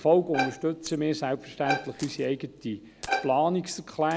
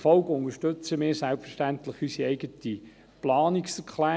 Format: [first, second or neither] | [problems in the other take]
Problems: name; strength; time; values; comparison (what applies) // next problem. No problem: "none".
second | background sound (Coin (dropping) + Bowed string instrument); 8 dB below the speech